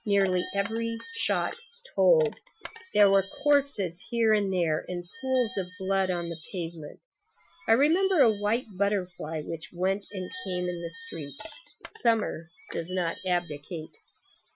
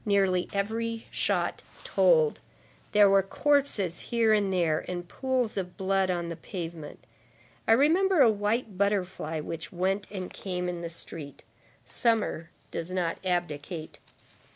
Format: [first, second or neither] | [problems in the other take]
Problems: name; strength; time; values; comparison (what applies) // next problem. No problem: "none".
second | noise reduction (classical method Wiener filter)